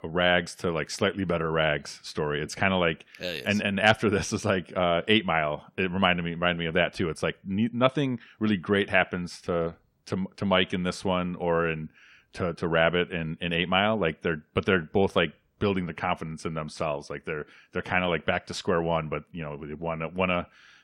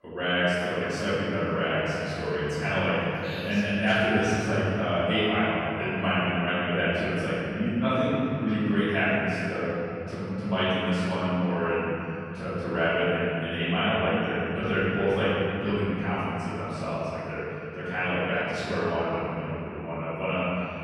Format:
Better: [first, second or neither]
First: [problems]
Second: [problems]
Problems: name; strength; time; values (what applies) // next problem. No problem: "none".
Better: first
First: none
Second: off-mic speech; far // room echo; strong; dies away in 3 s